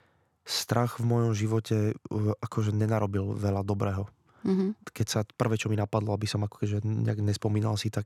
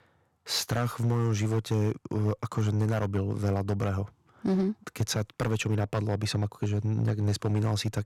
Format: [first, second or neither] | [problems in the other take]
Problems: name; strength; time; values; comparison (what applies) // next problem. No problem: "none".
first | distortion; slight; 6% of the sound clipped